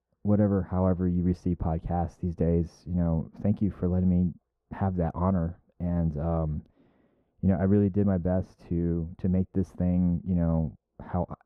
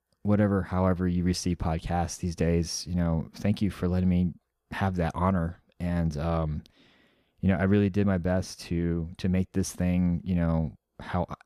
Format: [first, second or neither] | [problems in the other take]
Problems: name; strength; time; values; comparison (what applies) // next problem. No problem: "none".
second | muffled; very; fading above 2 kHz